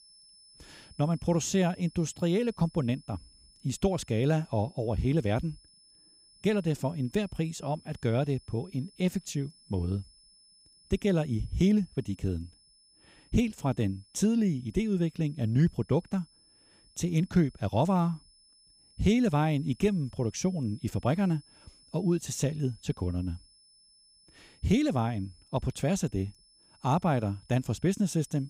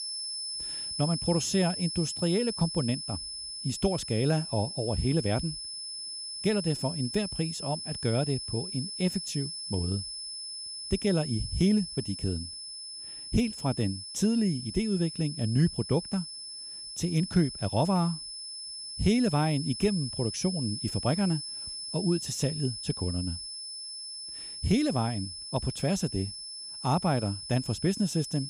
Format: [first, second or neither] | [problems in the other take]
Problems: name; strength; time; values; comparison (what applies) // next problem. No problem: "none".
first | high-pitched whine; loud; throughout; 5.5 kHz, 6 dB below the speech; faint in the first